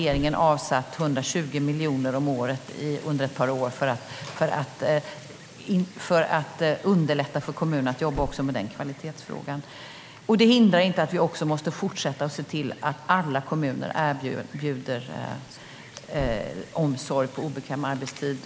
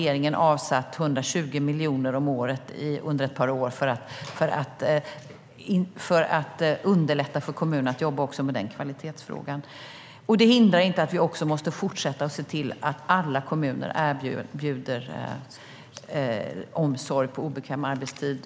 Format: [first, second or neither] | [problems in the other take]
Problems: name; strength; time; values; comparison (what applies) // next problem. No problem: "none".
second | background sound (Wind + Thump, thud); 18 dB below the speech